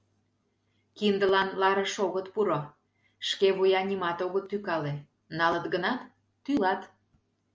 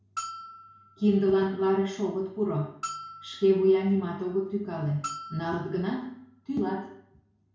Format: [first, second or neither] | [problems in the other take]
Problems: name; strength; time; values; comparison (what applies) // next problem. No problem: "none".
first | background sound (Bell); 15 dB below the speech // room echo; dies away in 0.6 s